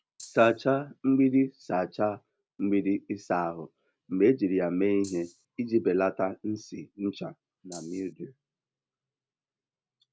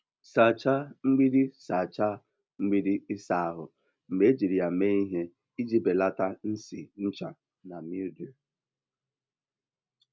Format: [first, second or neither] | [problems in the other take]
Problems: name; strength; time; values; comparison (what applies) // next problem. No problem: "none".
second | background sound (Rattle (instrument)); 20 dB below the speech